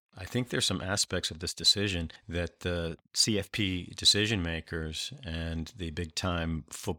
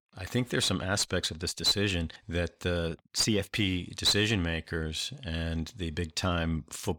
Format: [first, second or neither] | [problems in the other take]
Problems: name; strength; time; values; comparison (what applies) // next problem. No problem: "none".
first | distortion; slight; 10 dB below the speech